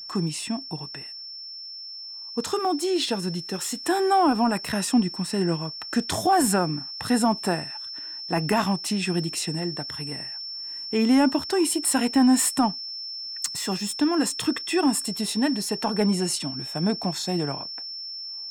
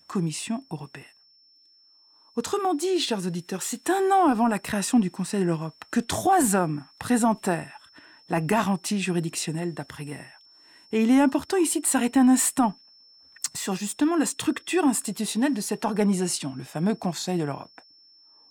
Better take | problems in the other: second | high-pitched whine; loud; throughout; 5.5 kHz, 8 dB below the speech; faint in the second

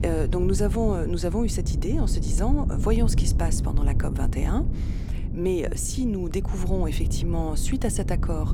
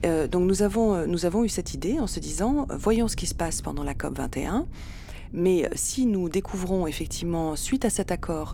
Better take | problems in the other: second | low rumble; loud; throughout; 10 dB below the speech; faint in the second

